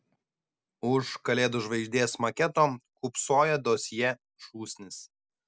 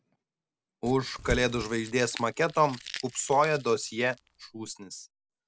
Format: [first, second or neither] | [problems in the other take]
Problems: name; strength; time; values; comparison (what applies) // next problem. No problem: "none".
first | background sound (Crumpling, crinkling / Crushing); 12 dB below the speech